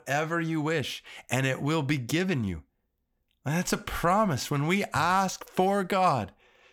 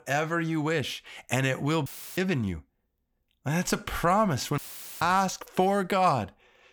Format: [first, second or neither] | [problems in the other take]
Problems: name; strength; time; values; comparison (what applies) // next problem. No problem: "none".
first | audio cutting out; filled with static; at 2 s and at 4.5 s